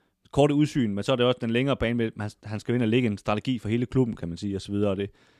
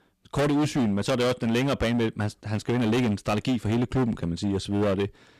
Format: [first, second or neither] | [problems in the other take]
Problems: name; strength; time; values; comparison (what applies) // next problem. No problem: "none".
first | distortion; heavy; 20% of the sound clipped